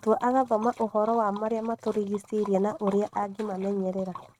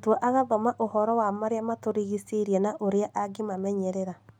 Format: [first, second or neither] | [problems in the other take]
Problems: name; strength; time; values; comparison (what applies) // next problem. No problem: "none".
second | noise reduction (neural mask model RNNoise)